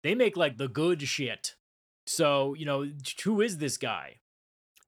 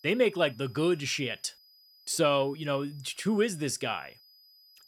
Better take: first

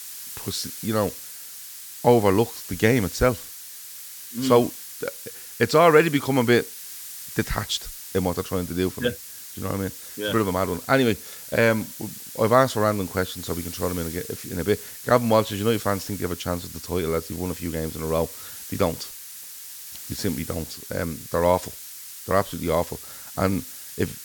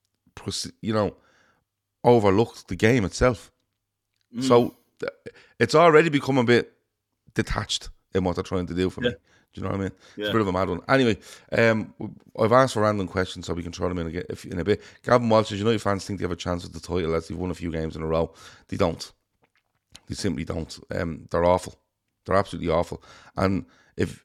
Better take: second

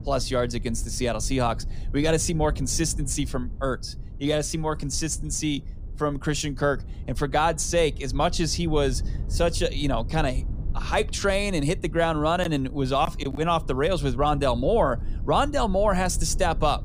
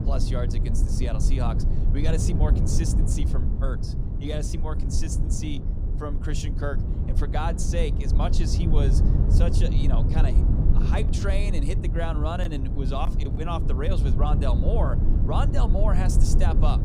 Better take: first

